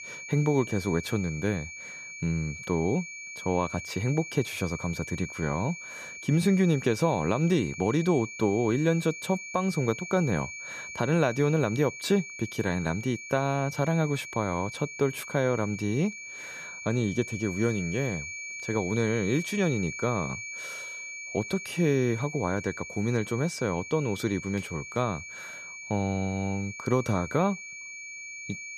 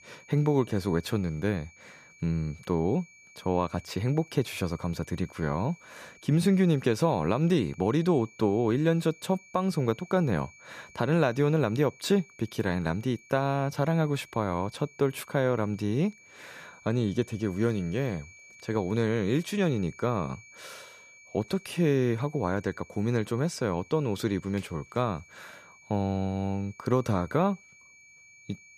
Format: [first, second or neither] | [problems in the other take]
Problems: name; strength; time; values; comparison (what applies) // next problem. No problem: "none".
second | high-pitched whine; loud; throughout; 2.5 kHz, 10 dB below the speech; faint in the second